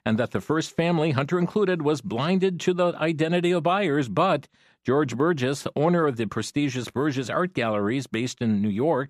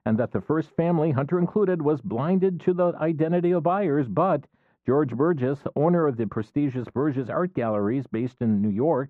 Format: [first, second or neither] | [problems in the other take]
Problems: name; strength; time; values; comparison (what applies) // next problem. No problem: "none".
first | muffled; very; fading above 2.5 kHz